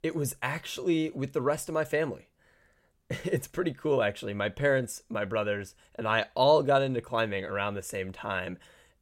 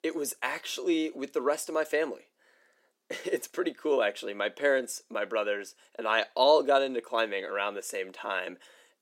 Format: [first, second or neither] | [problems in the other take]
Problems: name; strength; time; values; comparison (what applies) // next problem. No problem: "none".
first | thin; somewhat; fading below 250 Hz